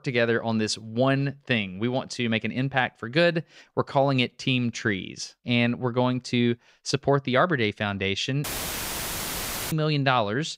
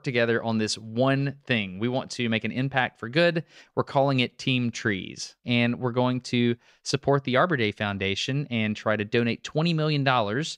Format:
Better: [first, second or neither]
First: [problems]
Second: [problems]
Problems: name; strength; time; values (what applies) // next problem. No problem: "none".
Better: second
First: audio cutting out; filled with static; at 8.5 s for 1.5 s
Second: none